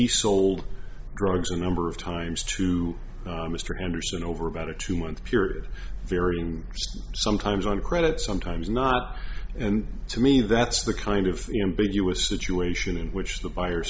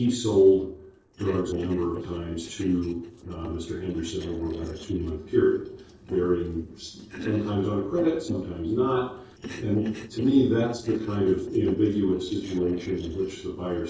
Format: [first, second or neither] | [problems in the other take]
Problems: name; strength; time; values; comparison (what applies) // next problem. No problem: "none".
first | noise reduction (neural separator model SepFormer DNS4)